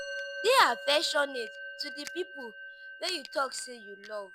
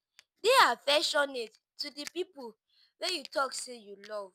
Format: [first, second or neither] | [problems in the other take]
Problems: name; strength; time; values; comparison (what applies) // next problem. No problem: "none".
second | background sound (Musical instrument); 11 dB below the speech